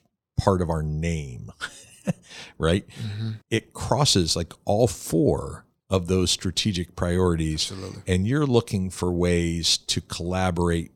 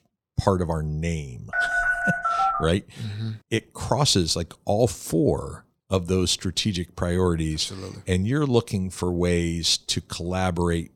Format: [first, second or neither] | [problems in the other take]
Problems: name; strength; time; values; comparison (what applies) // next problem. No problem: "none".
first | phone ringing; loud; from 1.5 to 2.5 s; peak 3 dB above the speech